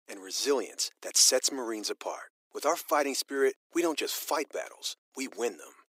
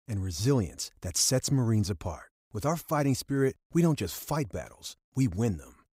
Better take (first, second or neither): second